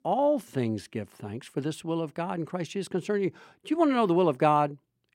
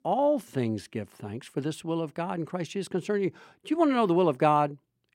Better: neither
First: none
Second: none

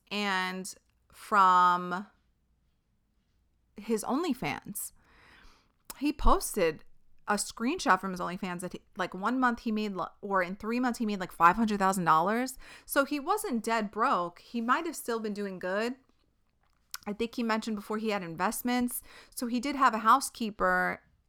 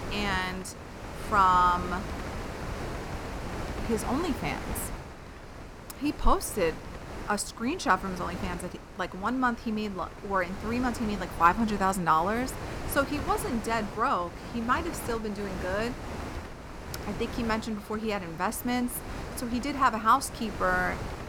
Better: first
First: none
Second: wind noise on the microphone; occasional gusts; 15 dB below the speech

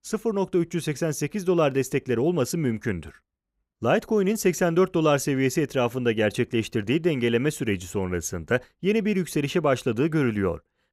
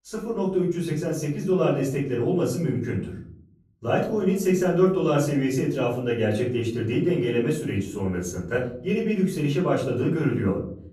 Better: first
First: none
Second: off-mic speech; far // room echo; slight; dies away in 0.7 s

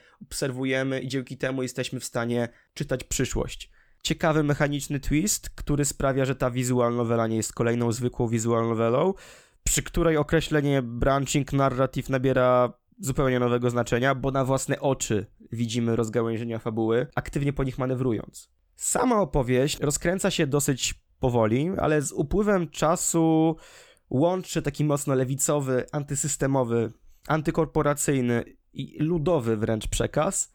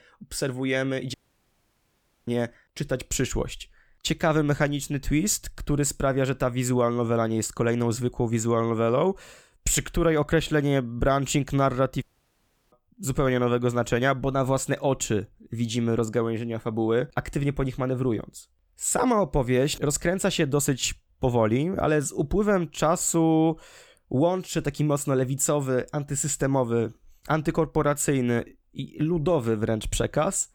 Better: first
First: none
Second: audio cutting out; at 1 s for 1 s and at 12 s for 0.5 s

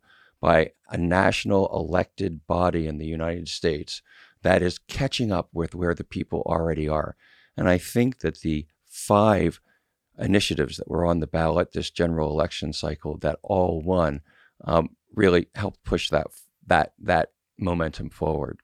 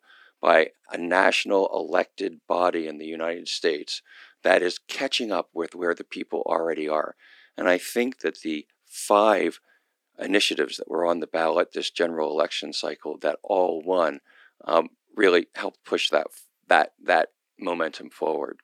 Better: first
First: none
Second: thin; somewhat; fading below 300 Hz

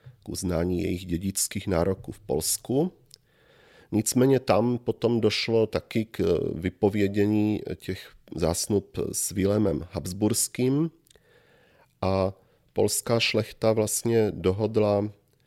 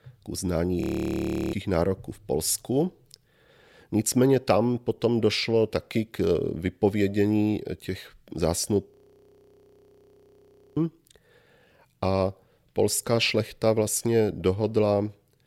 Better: first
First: none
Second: audio freezing; at 1 s for 0.5 s and at 9 s for 2 s

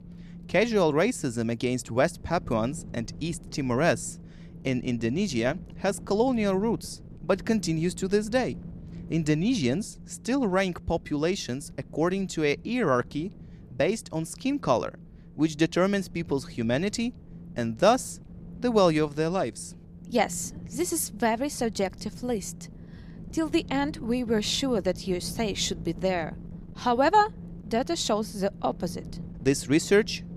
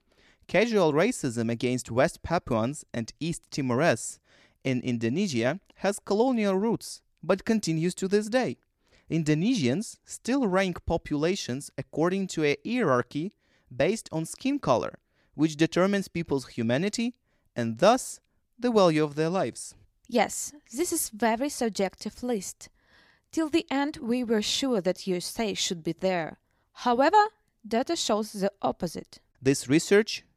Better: second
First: wind noise on the microphone; occasional gusts; 25 dB below the speech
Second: none

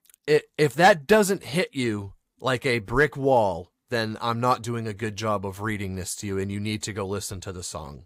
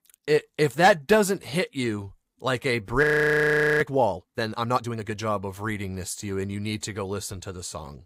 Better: first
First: none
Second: audio freezing; at 3 s for 1 s

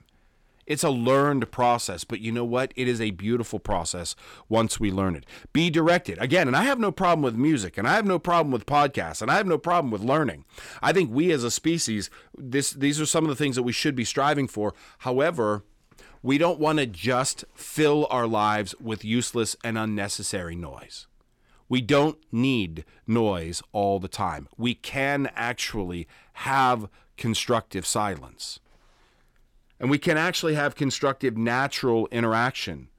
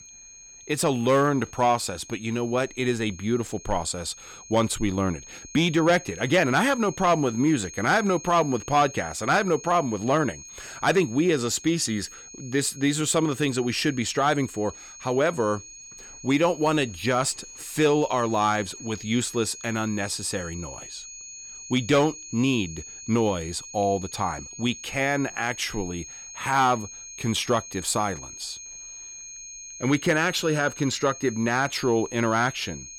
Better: first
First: none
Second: high-pitched whine; noticeable; throughout; 6.5 kHz, 15 dB below the speech

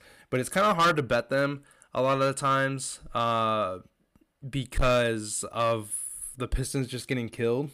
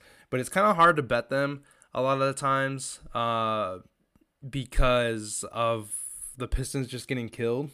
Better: second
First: distortion; slight; 3% of the sound clipped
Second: none

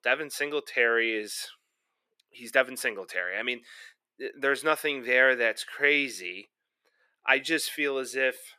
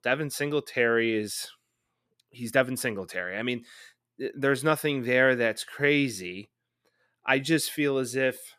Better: second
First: thin; somewhat; fading below 450 Hz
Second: none

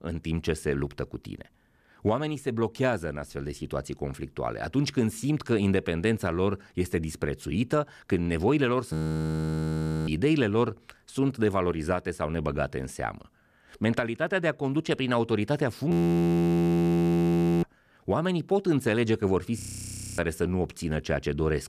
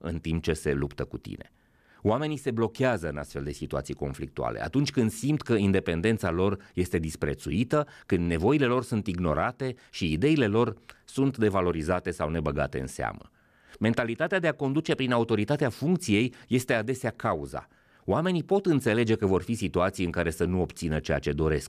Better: second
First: audio freezing; at 9 s for 1 s, at 16 s for 1.5 s and at 20 s for 0.5 s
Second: none

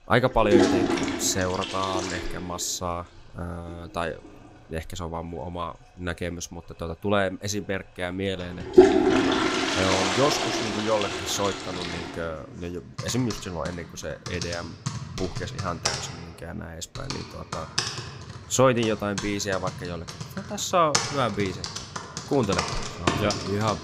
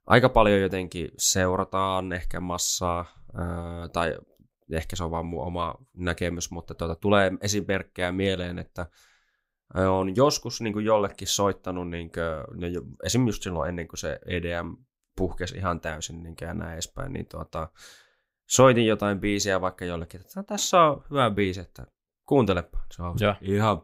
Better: second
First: household noises; very loud; throughout; 2 dB above the speech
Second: none

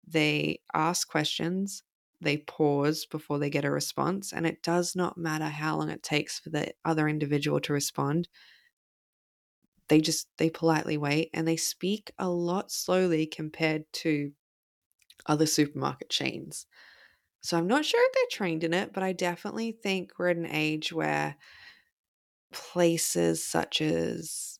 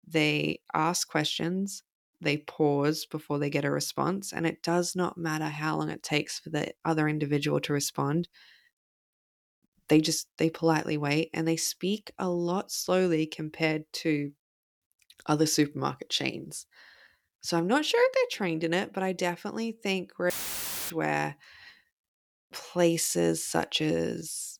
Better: first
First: none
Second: audio cutting out; filled with static; at 20 s for 0.5 s

